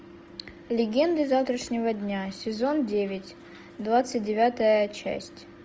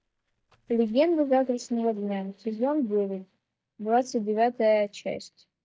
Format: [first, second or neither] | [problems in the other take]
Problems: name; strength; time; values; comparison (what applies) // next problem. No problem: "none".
first | noise reduction (neural mask model DeepFilterNet 3)